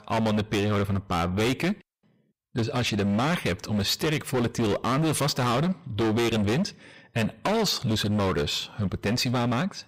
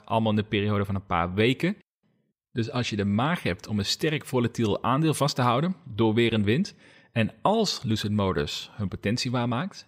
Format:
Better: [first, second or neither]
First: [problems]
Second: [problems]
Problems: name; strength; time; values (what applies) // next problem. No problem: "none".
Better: second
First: distortion; heavy; 25% of the sound clipped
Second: none